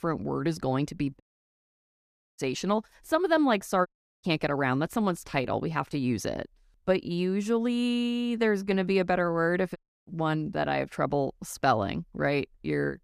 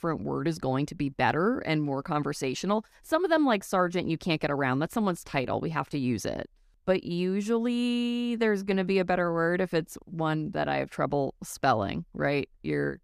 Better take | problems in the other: second | audio cutting out; at 1 s for 1 s, at 4 s and at 10 s

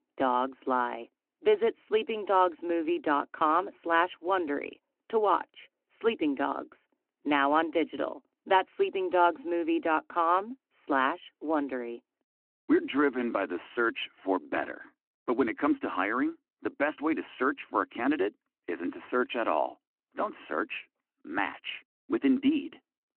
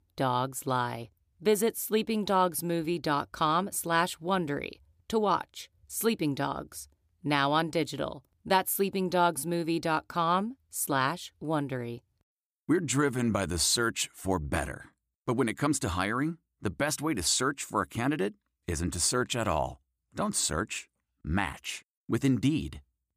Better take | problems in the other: second | phone-call audio

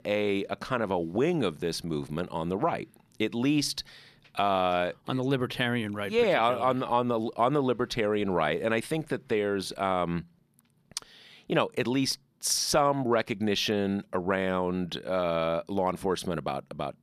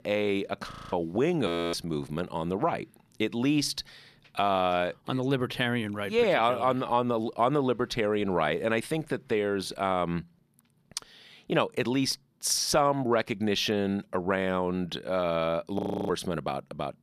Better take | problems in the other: first | audio freezing; at 0.5 s, at 1.5 s and at 16 s

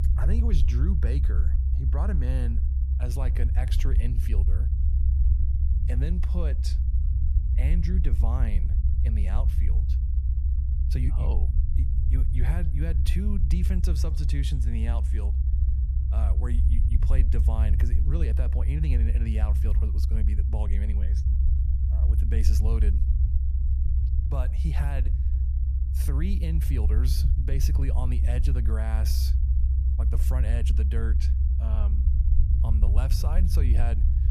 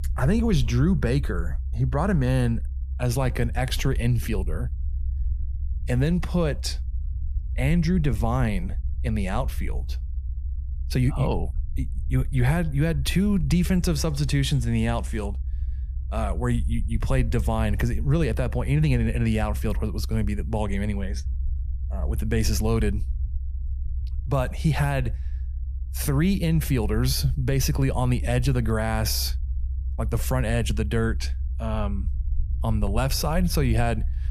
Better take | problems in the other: second | low rumble; loud; throughout; 3 dB below the speech; faint in the second

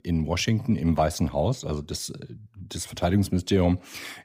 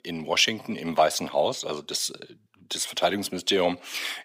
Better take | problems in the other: first | thin; somewhat; fading below 450 Hz

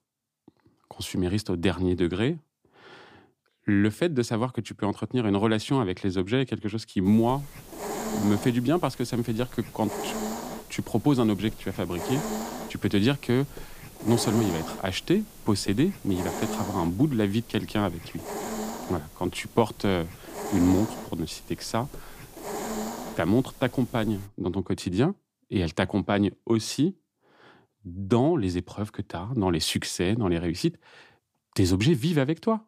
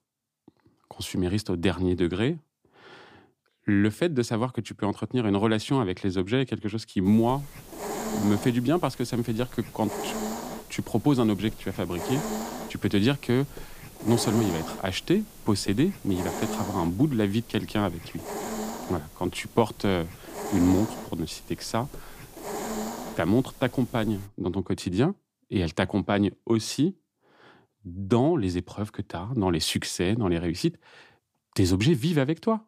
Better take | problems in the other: neither | hiss; loud; from 7 to 24 s; 10 dB below the speech; the same in both

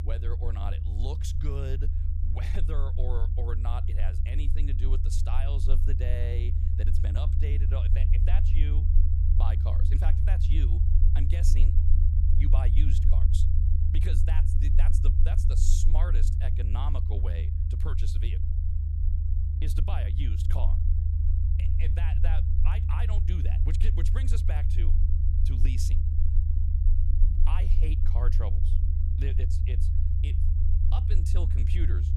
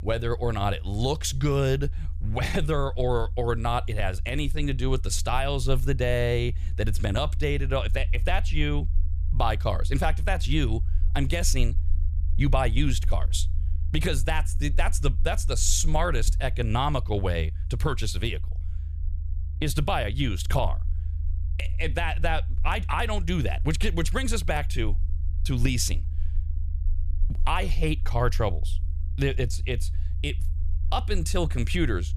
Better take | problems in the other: second | low rumble; loud; throughout; 2 dB below the speech; faint in the second

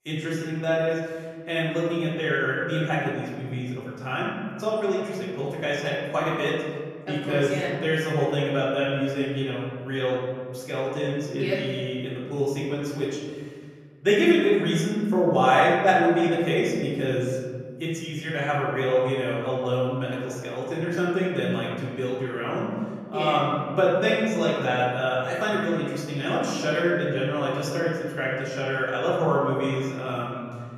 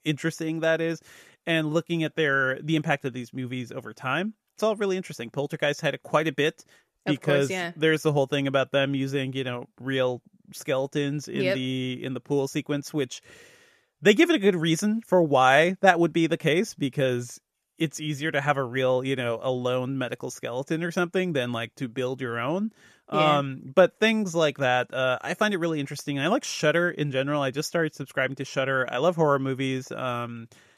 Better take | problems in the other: second | room echo; noticeable; dies away in 1.7 s // off-mic speech; far

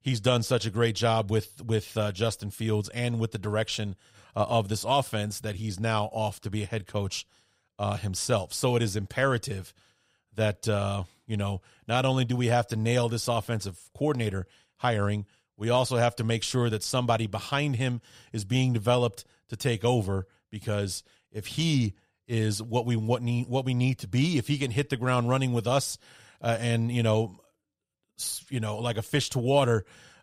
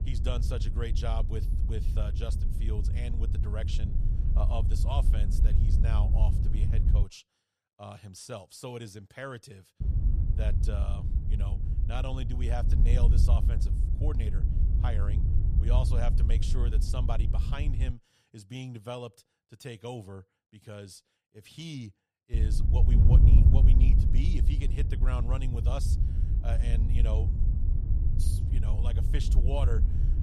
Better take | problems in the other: first | wind noise on the microphone; heavy; until 7 s, from 10 to 18 s and from 22 s on; 3 dB below the speech

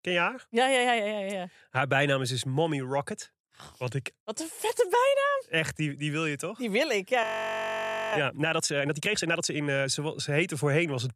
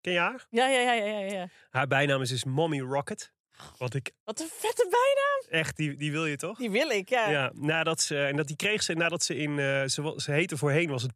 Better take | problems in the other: second | audio freezing; at 7 s for 1 s

